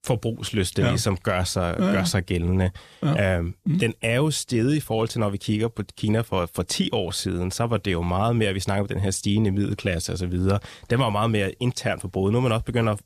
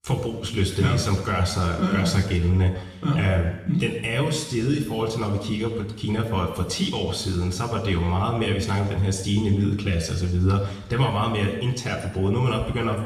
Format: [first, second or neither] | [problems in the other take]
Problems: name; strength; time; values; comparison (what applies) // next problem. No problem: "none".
first | room echo; noticeable; dies away in 0.9 s // off-mic speech; somewhat distant